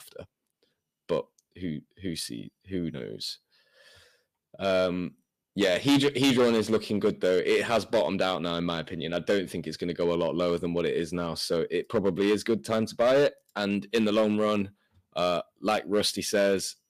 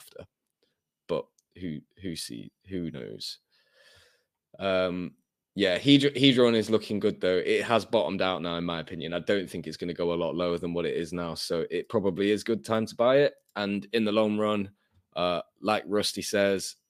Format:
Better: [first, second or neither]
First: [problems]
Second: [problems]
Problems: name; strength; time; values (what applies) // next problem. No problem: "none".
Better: second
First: distortion; slight; 3% of the sound clipped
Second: none